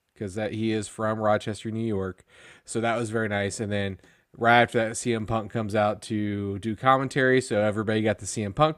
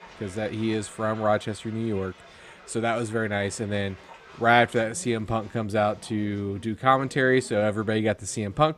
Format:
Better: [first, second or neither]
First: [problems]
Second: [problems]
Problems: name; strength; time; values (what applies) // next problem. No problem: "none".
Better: first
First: none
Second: crowd noise; faint; throughout; 20 dB below the speech